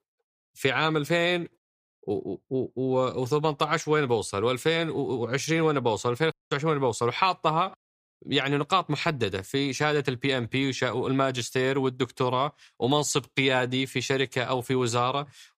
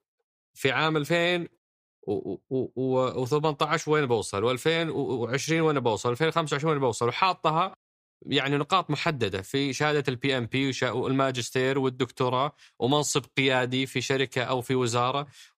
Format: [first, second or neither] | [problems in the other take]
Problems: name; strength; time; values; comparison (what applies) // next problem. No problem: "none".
second | audio cutting out; at 6.5 s